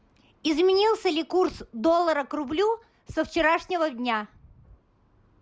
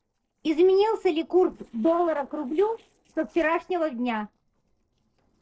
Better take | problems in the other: first | noise reduction (neural separator model SepFormer DNS4)

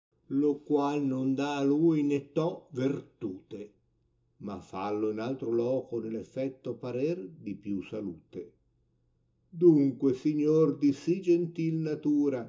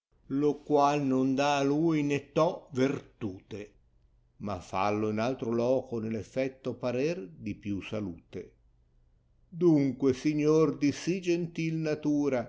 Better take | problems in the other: second | room echo; dies away in 0.2 s

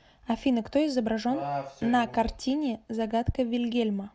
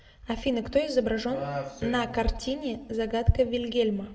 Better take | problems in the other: first | room echo; dies away in 0.4 s

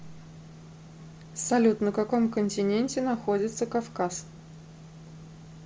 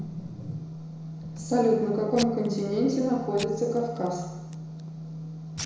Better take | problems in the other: first | background sound (Packing tape, duct tape / Tearing); 15 dB below the speech // room echo; dies away in 1 s

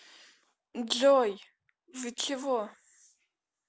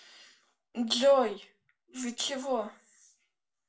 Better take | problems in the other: first | room echo; dies away in 0.2 s

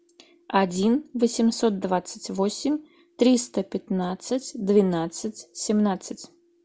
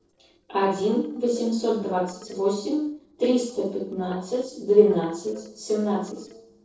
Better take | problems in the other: first | noise reduction (neural separator model SepFormer DNS4)

